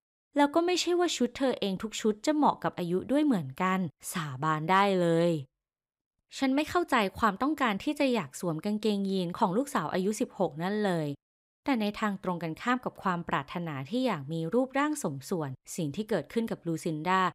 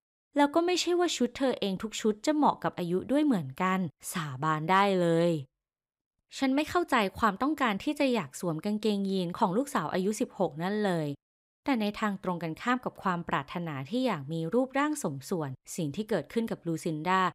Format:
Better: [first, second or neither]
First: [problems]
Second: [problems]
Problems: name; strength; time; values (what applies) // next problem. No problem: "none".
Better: neither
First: none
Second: none